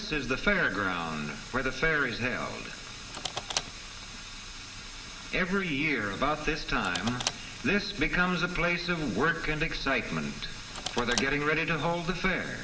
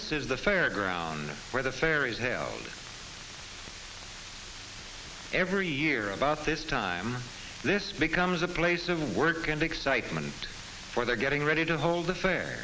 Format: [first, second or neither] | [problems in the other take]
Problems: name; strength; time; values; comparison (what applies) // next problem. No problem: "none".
second | background sound (Car); 12 dB below the speech // room echo; dies away in 2.3 s